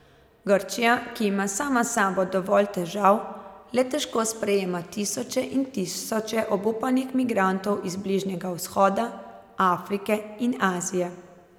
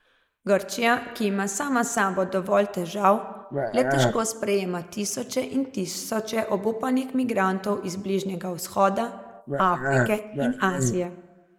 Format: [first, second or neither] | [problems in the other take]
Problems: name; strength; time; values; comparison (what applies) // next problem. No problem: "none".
first | noise reduction (neural mask model Resemble Enhance denoiser)